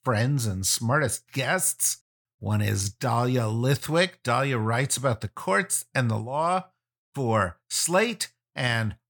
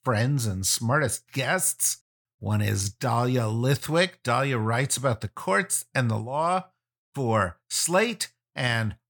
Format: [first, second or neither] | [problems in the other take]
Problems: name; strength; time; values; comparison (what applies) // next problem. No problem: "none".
neither | none